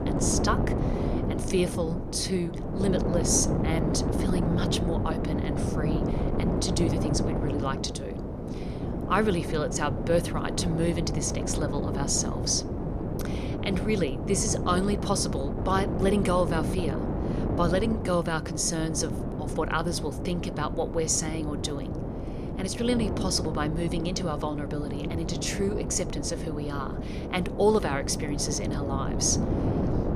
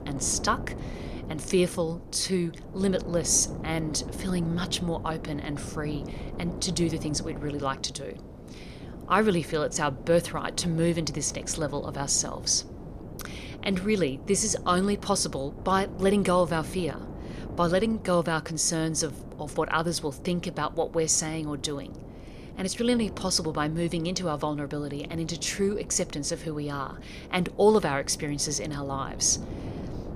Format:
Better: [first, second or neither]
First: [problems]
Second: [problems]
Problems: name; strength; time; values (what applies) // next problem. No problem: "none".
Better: second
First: wind noise on the microphone; heavy; 5 dB below the speech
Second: wind noise on the microphone; occasional gusts; 15 dB below the speech